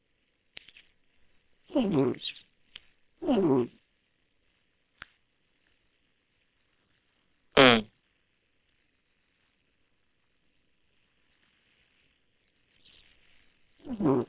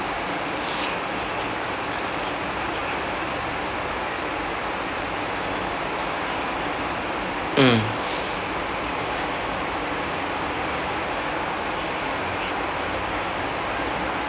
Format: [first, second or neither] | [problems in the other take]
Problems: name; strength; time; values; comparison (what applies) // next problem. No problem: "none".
second | noise reduction (neural separator model SepFormer WHAM!)